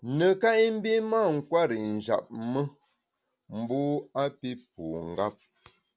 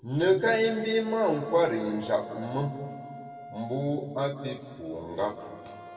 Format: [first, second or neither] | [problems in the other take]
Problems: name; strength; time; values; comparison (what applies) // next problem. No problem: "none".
first | background sound (Brass instrument); 19 dB below the speech // room echo; dies away in 2.2 s